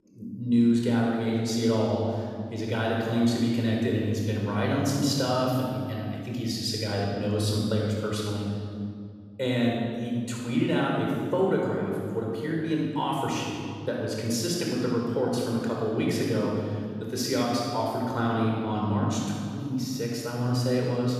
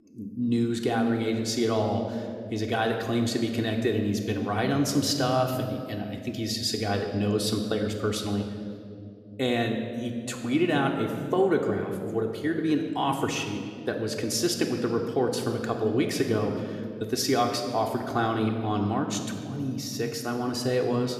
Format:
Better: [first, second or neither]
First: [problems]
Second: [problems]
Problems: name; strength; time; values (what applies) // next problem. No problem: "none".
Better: second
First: room echo; strong; dies away in 2 s // off-mic speech; far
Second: room echo; slight; dies away in 1.8 s // off-mic speech; somewhat distant